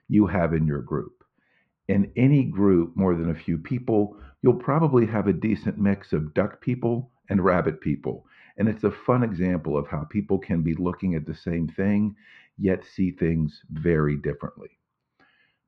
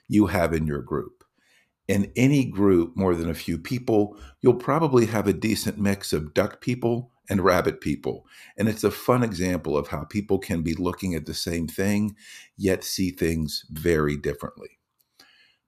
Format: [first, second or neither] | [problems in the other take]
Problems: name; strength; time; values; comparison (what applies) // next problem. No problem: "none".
second | muffled; very; fading above 2 kHz